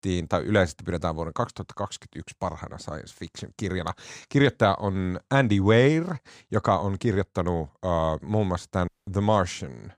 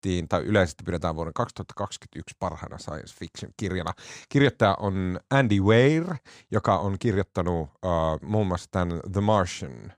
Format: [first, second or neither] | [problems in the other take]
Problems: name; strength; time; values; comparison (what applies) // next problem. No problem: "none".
second | audio cutting out; at 9 s